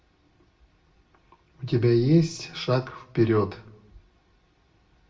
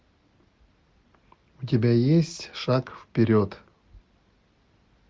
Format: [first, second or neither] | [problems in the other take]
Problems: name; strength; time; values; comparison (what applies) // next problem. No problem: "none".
second | room echo; dies away in 0.3 s